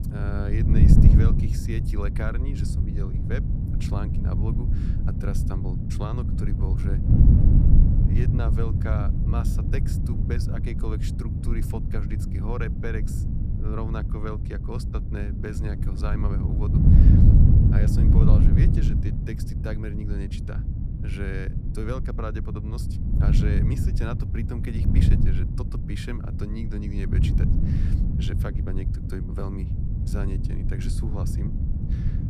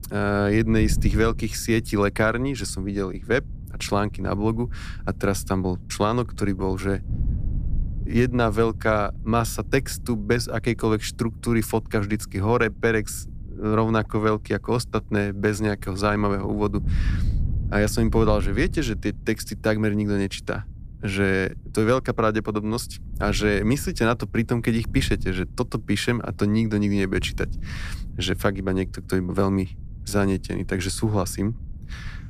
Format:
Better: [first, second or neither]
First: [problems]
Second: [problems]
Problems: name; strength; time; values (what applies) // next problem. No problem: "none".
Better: second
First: wind noise on the microphone; heavy; 2 dB above the speech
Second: wind noise on the microphone; occasional gusts; 20 dB below the speech